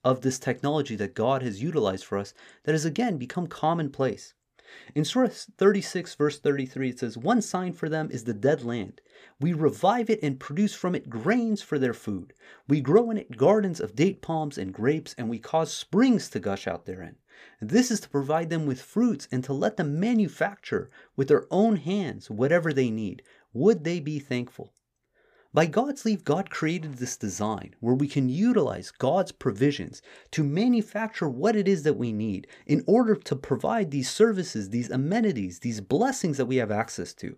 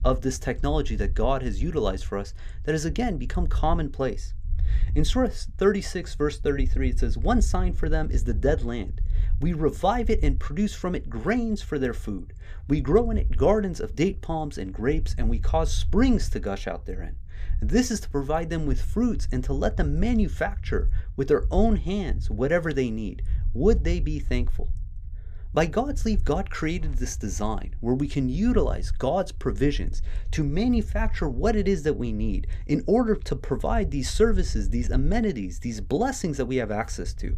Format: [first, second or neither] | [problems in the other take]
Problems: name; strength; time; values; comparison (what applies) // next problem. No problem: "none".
first | low rumble; faint; throughout; 25 dB below the speech